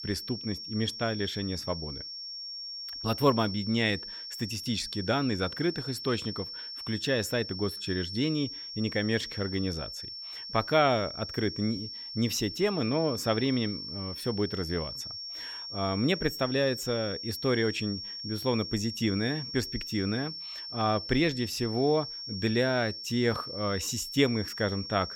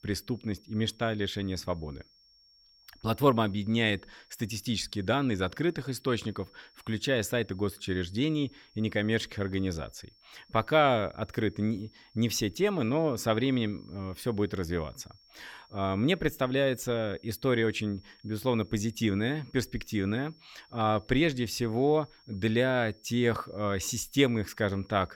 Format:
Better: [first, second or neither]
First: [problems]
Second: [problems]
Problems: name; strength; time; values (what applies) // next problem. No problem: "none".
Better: second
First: high-pitched whine; loud; throughout; 5.5 kHz, 7 dB below the speech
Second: high-pitched whine; faint; throughout; 5.5 kHz, 30 dB below the speech